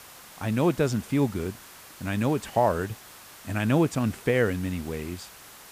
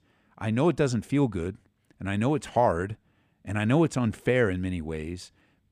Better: second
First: hiss; noticeable; throughout; 20 dB below the speech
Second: none

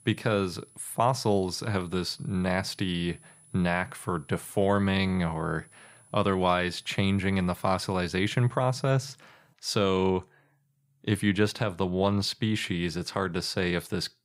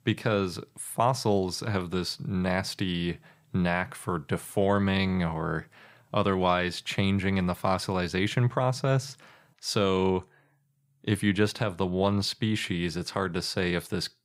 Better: second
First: high-pitched whine; faint; until 9 s; 10 kHz, 25 dB below the speech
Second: none

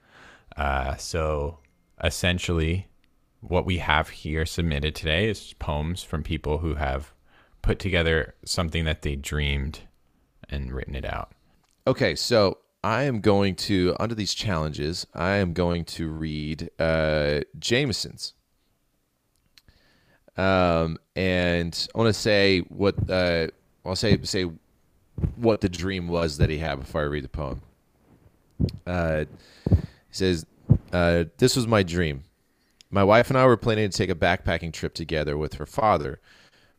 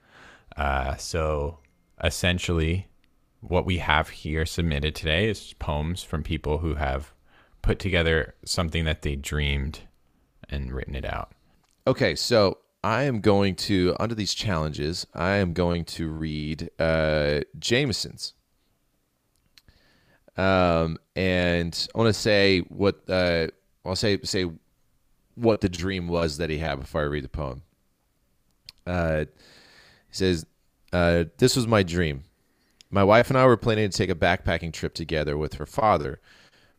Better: second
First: footsteps; loud; from 23 to 31 s; peak 1 dB above the speech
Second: none

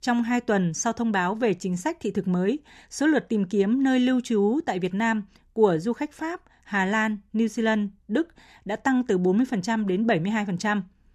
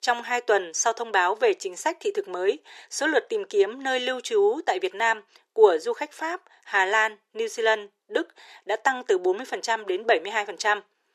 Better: first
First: none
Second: thin; very; fading below 400 Hz

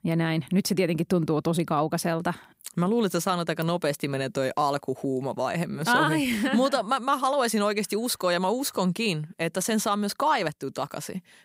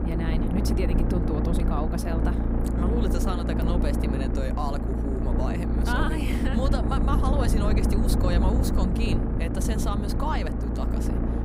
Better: first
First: none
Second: low rumble; loud; throughout; 1 dB below the speech

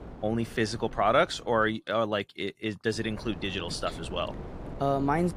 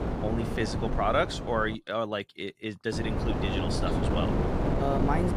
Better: first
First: wind noise on the microphone; occasional gusts; until 2 s and from 3 s on; 20 dB below the speech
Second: wind noise on the microphone; heavy; until 2 s and from 3 s on; 3 dB below the speech

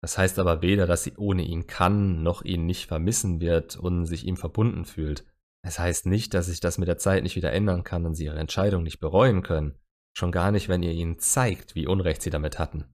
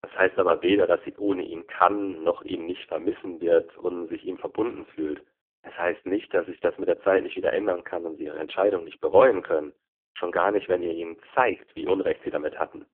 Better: first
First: none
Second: phone-call audio; poor line

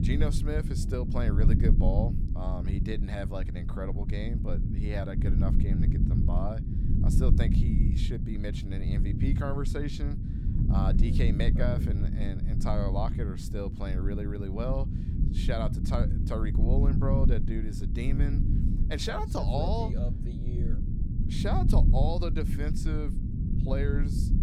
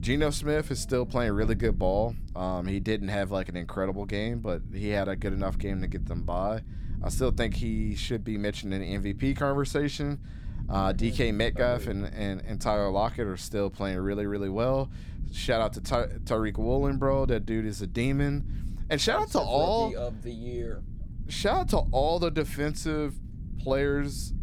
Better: second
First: low rumble; loud; throughout; 4 dB below the speech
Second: low rumble; faint; throughout; 20 dB below the speech

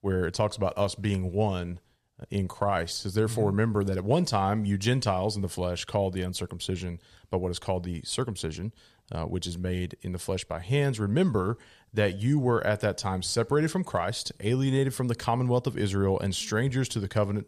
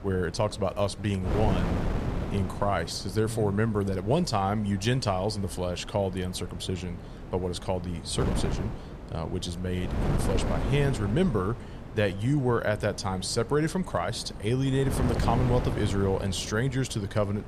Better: first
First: none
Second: wind noise on the microphone; heavy; 9 dB below the speech

